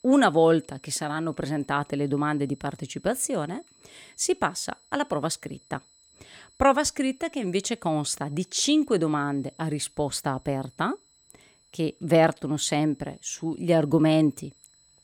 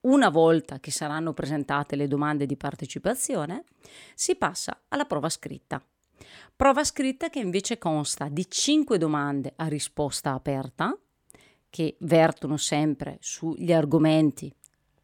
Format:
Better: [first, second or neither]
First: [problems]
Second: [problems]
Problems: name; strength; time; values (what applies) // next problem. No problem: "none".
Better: second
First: high-pitched whine; faint; throughout; 8 kHz, 30 dB below the speech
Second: none